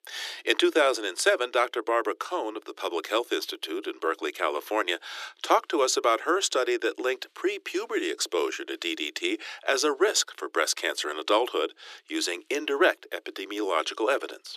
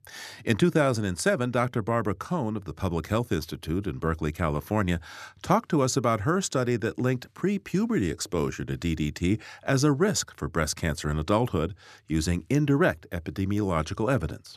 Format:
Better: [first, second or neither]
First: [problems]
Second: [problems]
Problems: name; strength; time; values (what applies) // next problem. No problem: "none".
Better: second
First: thin; very; fading below 350 Hz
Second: none